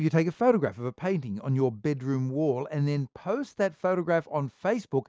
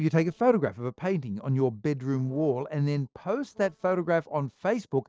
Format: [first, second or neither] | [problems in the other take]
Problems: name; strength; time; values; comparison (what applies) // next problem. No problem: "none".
first | noise reduction (neural separator model SepFormer DNS4)